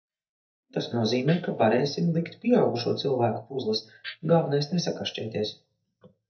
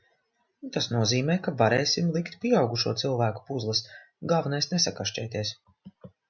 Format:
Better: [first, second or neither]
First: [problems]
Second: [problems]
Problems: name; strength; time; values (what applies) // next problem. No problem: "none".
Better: second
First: noise reduction (neural mask model DeepFilterNet 3)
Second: none